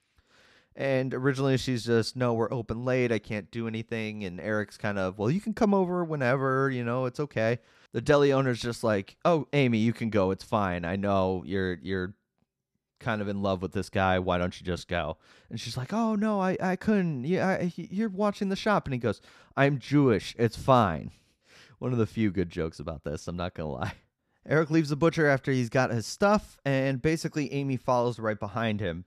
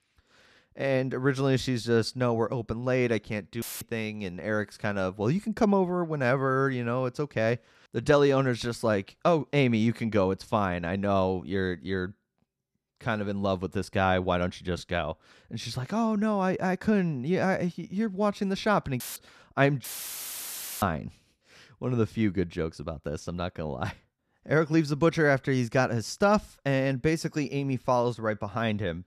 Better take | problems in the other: first | audio cutting out; filled with static; at 3.5 s, at 19 s and at 20 s for 1 s

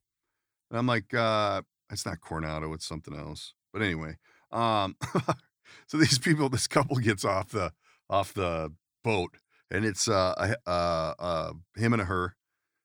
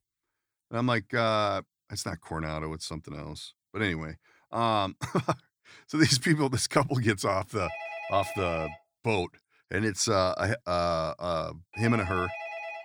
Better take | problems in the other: first | phone ringing; noticeable; from 7.5 s on; peak 8 dB below the speech

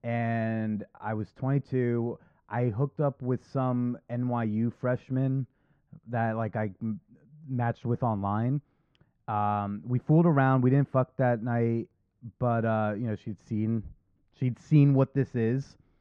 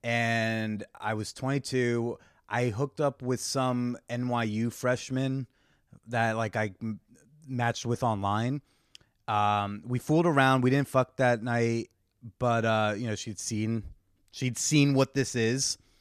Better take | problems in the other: second | muffled; very; fading above 1.5 kHz

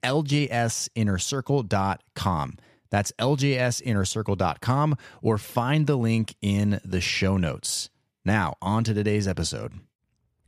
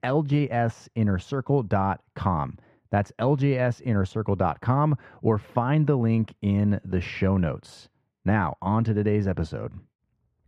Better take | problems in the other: first | muffled; very; fading above 3.5 kHz

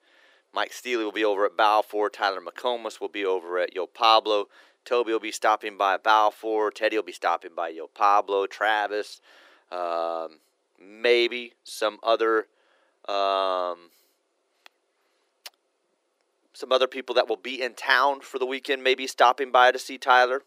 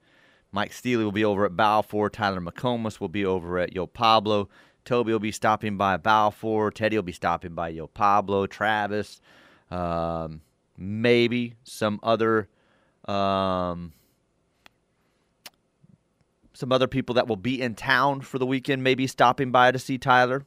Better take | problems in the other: second | thin; very; fading below 350 Hz

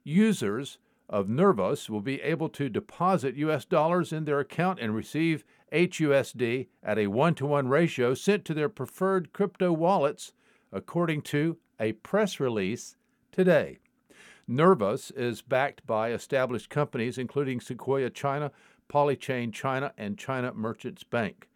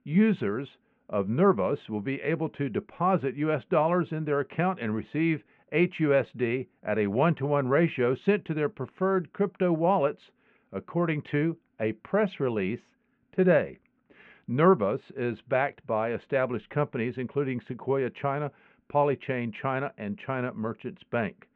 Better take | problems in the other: first | muffled; very; fading above 2.5 kHz

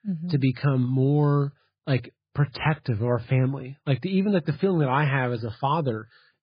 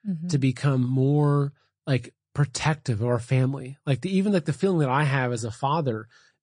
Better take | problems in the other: second | garbled, watery; badly; nothing above 11.5 kHz; slightly in the second

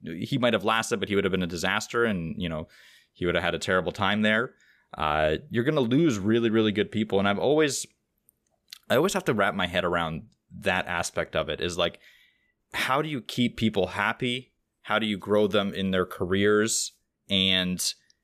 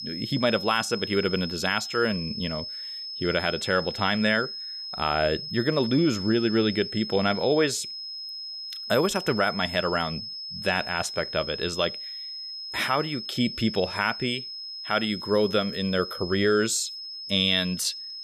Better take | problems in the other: first | high-pitched whine; loud; throughout; 5 kHz, 8 dB below the speech

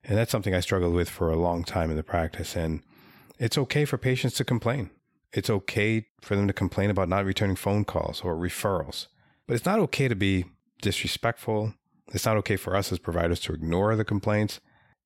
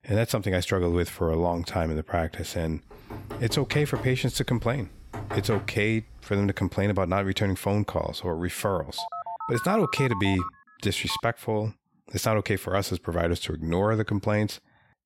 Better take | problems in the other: first | door banging; noticeable; from 3 to 6.5 s; peak 7 dB below the speech // phone ringing; noticeable; from 9 to 11 s; peak 7 dB below the speech

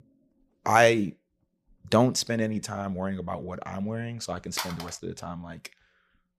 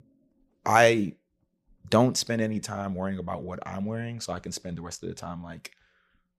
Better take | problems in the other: second | phone ringing; noticeable; at 4.5 s; peak 6 dB below the speech

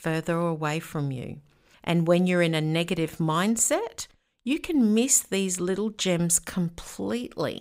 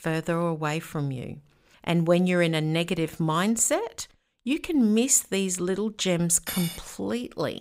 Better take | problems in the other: first | clattering dishes; noticeable; at 6.5 s; peak 7 dB below the speech

